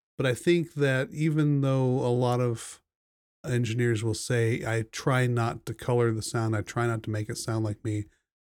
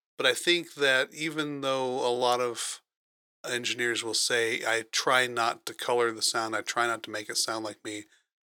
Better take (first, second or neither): first